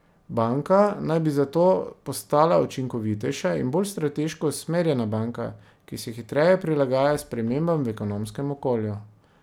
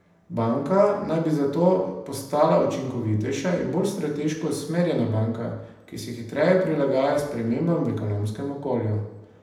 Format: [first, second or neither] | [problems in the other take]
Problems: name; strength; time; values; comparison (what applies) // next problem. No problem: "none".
first | room echo; dies away in 0.8 s